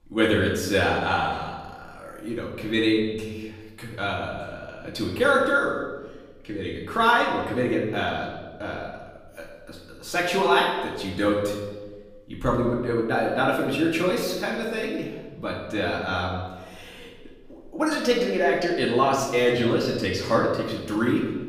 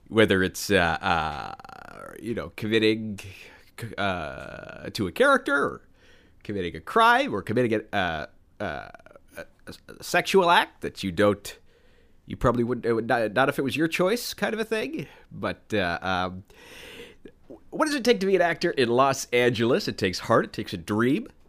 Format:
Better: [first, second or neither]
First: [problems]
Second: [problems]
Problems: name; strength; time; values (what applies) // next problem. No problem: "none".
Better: second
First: off-mic speech; far // room echo; noticeable; dies away in 1 s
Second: none